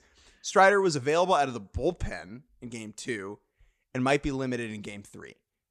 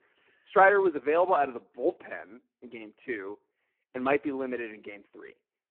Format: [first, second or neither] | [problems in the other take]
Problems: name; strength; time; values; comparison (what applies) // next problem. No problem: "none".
first | phone-call audio; poor line; nothing above 3.5 kHz